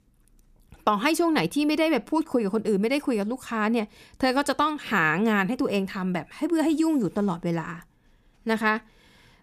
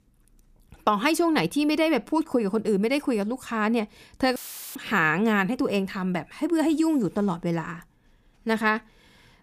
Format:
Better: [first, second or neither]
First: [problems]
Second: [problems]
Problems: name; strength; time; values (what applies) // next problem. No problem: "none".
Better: first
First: none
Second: audio cutting out; filled with static; at 4.5 s